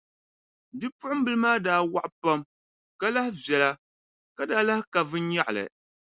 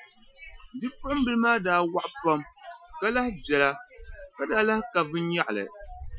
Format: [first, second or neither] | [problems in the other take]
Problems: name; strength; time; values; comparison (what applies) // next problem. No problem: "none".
first | noise reduction (classical method Wiener filter)